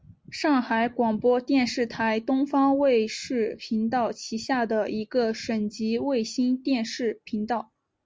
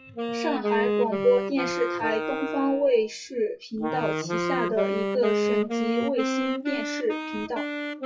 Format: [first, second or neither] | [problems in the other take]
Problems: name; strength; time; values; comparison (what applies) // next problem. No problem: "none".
first | noise reduction (classical method WPE with log-MMSE)